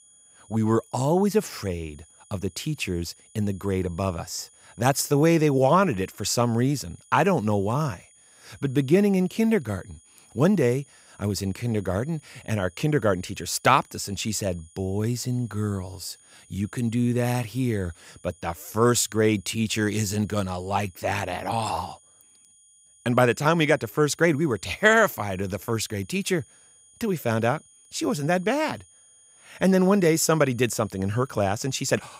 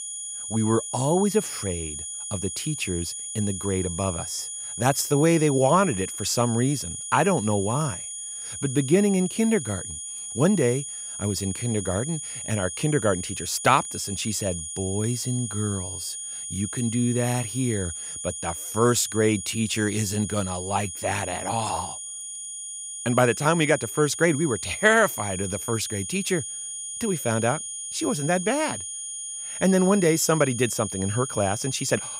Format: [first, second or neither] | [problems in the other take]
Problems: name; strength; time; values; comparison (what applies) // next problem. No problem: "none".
first | high-pitched whine; loud; throughout; 9.5 kHz, 7 dB below the speech; faint in the first